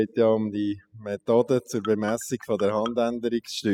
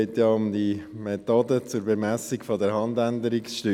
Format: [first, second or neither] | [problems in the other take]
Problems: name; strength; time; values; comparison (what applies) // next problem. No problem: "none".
second | noise reduction (classical method spectral subtraction)